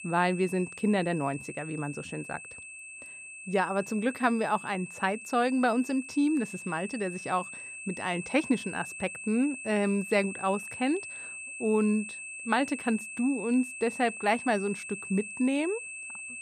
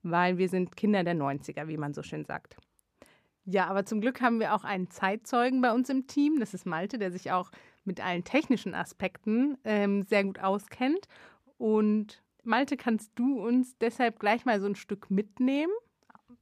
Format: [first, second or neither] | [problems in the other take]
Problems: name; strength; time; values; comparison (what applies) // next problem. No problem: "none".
second | high-pitched whine; loud; throughout; 2.5 kHz, 10 dB below the speech